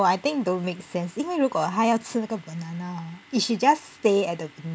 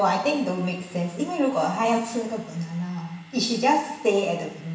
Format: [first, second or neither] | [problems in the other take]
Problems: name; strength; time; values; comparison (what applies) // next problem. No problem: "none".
first | room echo; dies away in 0.8 s